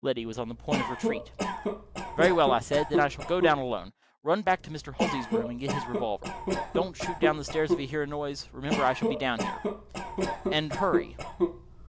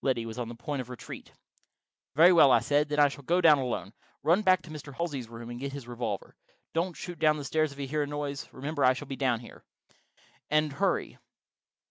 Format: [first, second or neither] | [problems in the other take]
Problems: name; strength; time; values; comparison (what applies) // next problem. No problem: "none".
second | background sound (Cough); 2 dB below the speech